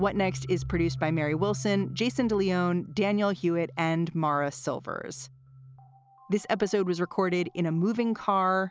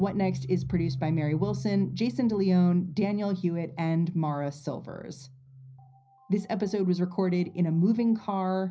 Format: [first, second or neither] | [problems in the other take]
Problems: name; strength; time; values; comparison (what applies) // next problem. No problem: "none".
first | room echo; dies away in 0.5 s